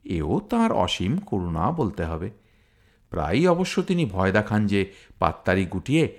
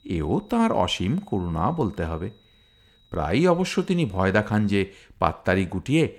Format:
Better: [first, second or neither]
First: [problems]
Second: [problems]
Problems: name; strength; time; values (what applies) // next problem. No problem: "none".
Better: first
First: none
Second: high-pitched whine; faint; until 5 s; 4 kHz, 35 dB below the speech